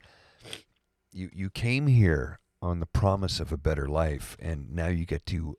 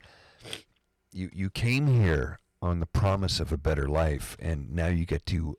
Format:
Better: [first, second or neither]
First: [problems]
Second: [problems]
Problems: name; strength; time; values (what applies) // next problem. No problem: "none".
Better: first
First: none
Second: distortion; slight; 5% of the sound clipped